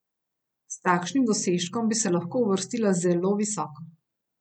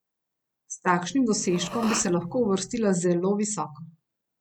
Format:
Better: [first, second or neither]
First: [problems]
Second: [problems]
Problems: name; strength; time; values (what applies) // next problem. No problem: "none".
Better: first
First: none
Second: background sound (Respiratory sounds); 12 dB below the speech